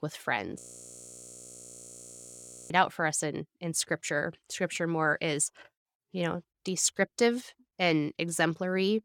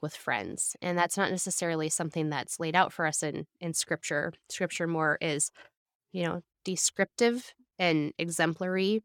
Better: second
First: audio freezing; at 0.5 s for 2 s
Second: none

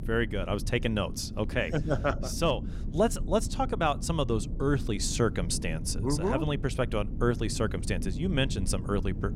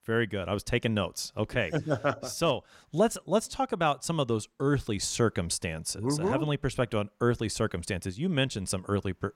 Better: second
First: low rumble; noticeable; throughout; 15 dB below the speech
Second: none

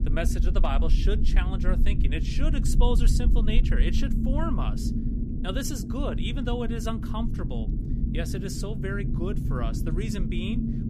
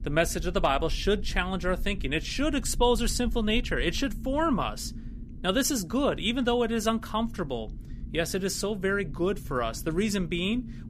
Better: second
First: low rumble; loud; throughout; 5 dB below the speech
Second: low rumble; faint; throughout; 25 dB below the speech

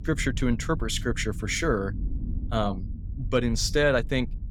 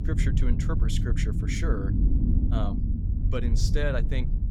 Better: first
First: low rumble; faint; throughout; 20 dB below the speech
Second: low rumble; loud; throughout; 4 dB below the speech

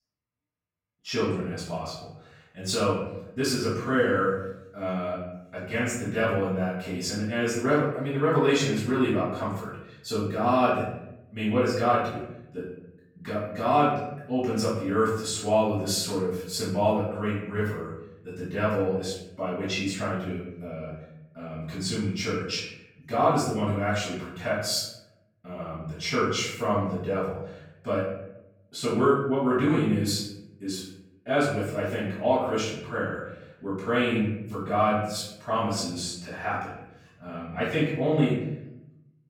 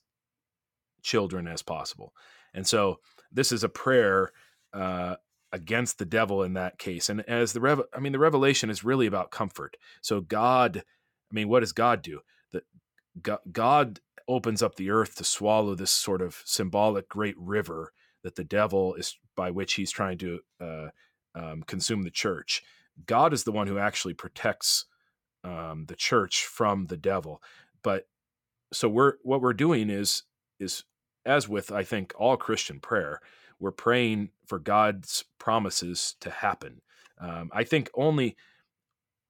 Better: second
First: off-mic speech; far // room echo; noticeable; dies away in 0.9 s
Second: none

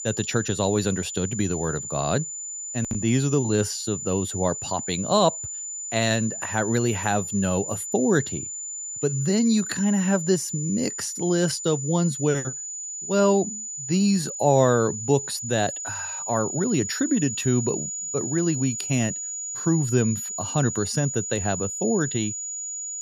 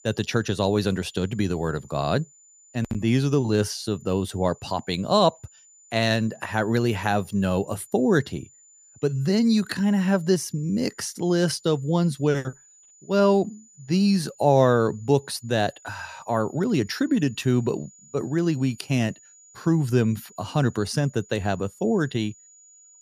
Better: second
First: high-pitched whine; loud; throughout; 7 kHz, 5 dB below the speech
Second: high-pitched whine; faint; throughout; 7 kHz, 25 dB below the speech

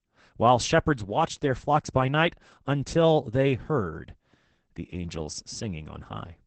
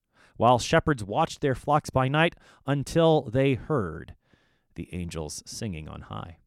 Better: second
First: garbled, watery; badly; nothing above 8 kHz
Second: none

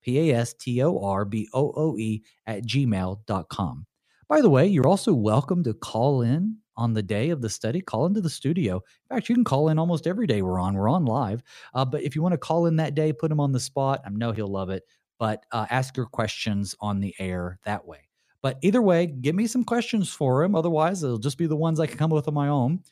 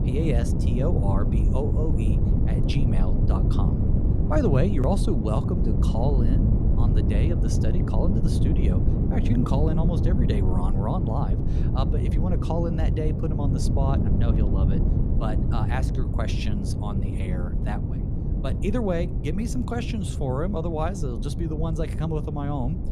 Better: first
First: none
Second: wind noise on the microphone; heavy; 3 dB below the speech

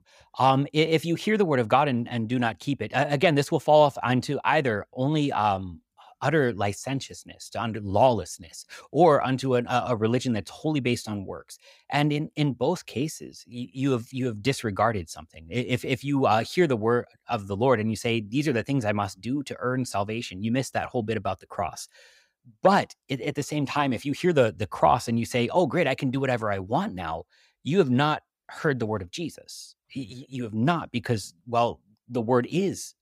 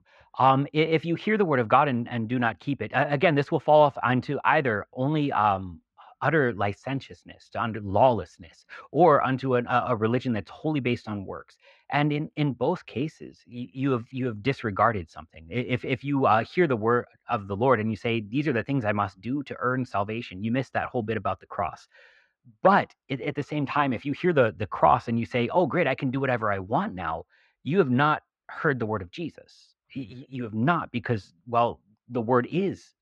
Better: first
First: none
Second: muffled; slightly; fading above 2.5 kHz

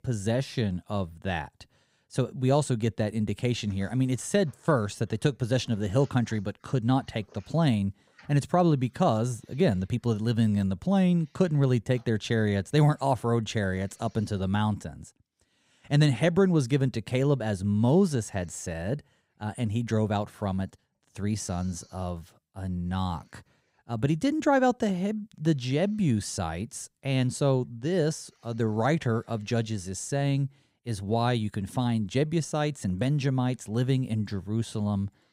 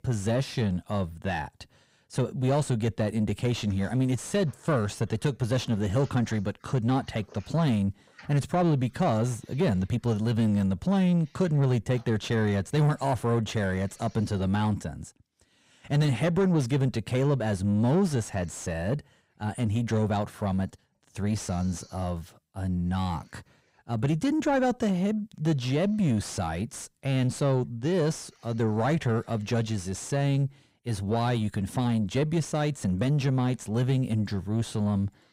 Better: first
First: none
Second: distortion; slight; 10 dB below the speech

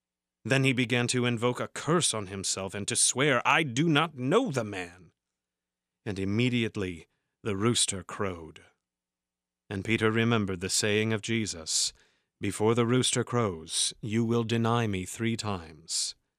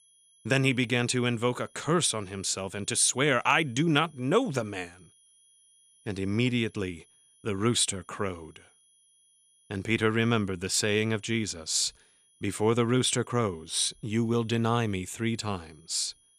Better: first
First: none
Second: high-pitched whine; faint; throughout; 10.5 kHz, 30 dB below the speech

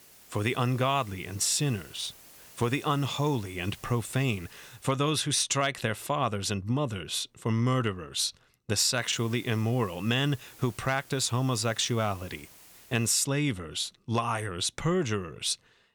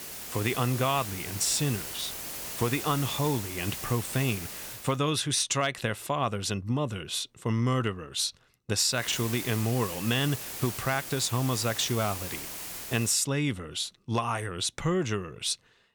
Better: first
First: hiss; faint; until 5 s and from 9 to 13 s; 20 dB below the speech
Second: hiss; loud; until 5 s and from 9 to 13 s; 7 dB below the speech

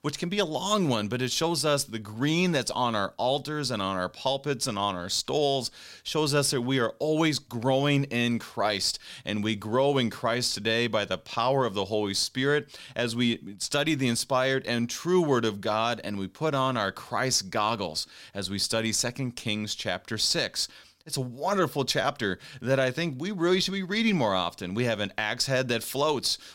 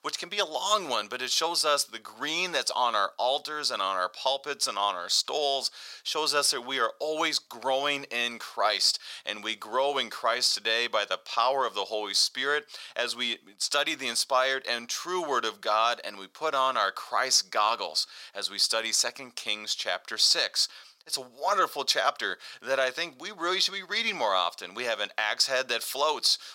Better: first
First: none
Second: thin; very; fading below 700 Hz

